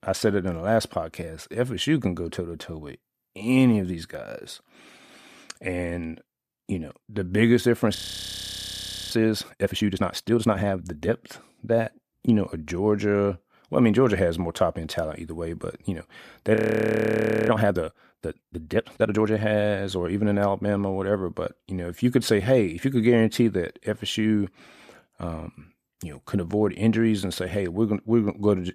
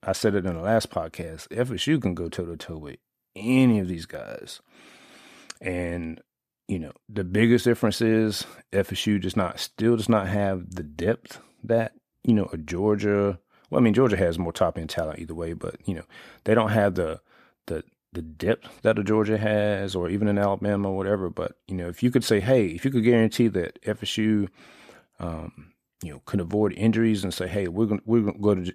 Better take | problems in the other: second | audio freezing; at 8 s for 1 s and at 17 s for 1 s

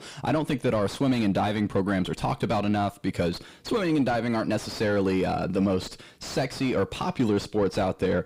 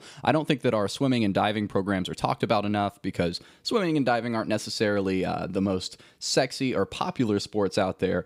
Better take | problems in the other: second | distortion; heavy; 8 dB below the speech

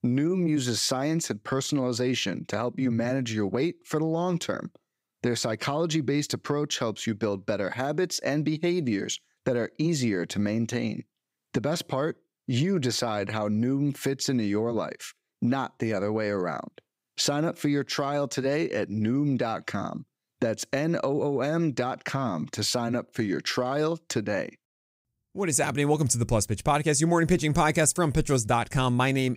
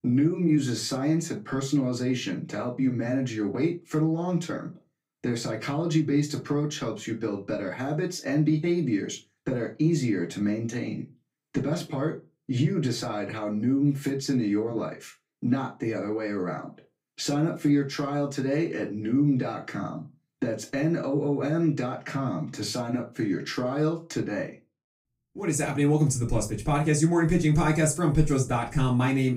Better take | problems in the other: first | off-mic speech; far // room echo; very slight; dies away in 0.2 s

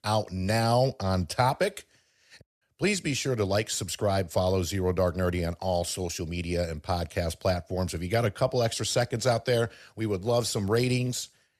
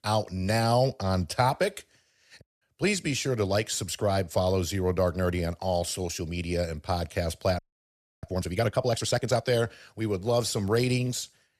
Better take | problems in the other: first | audio freezing; at 7.5 s for 0.5 s

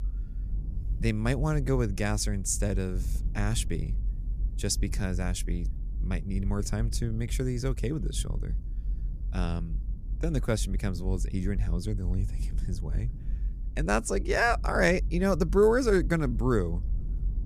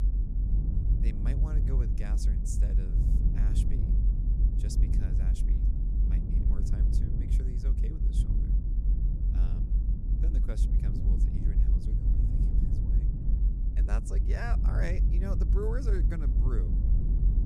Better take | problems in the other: first | low rumble; loud; throughout; 2 dB below the speech; faint in the first

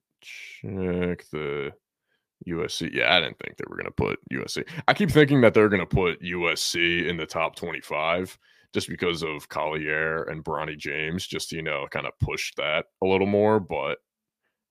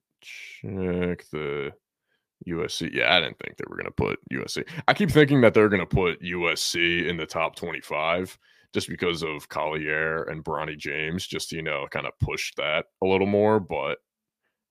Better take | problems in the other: neither | none

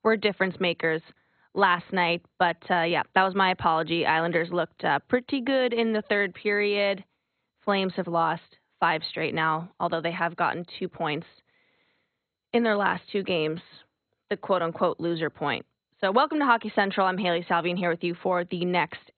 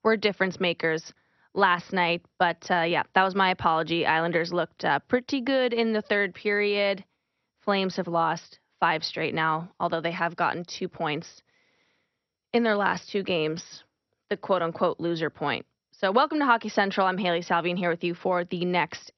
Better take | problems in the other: second | garbled, watery; badly; nothing above 4 kHz; slightly in the second

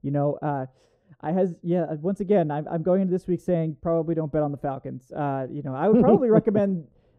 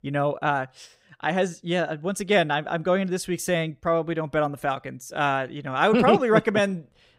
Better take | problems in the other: second | muffled; very; fading above 1 kHz

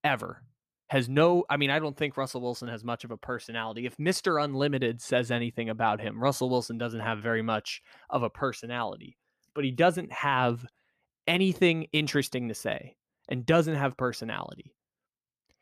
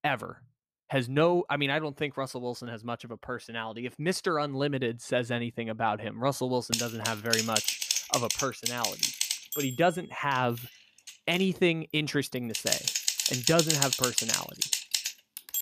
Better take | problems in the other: first | keyboard typing; loud; from 6.5 s on; peak 6 dB above the speech

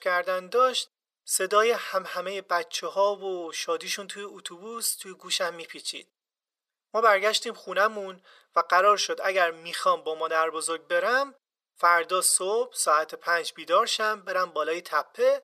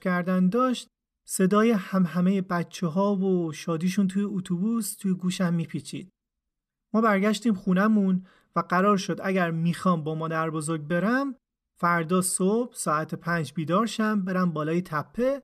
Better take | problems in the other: second | thin; very; fading below 500 Hz

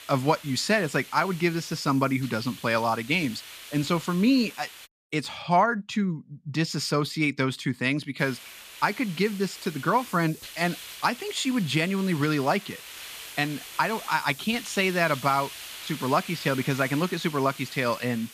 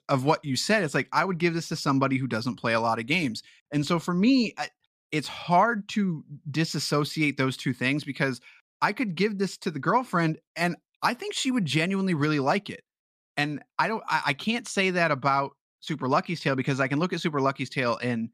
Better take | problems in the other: second | hiss; noticeable; until 5 s and from 8 s on; 15 dB below the speech

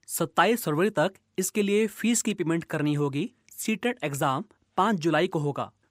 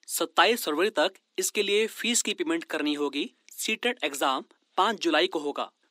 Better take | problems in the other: first | thin; very slightly; fading below 250 Hz

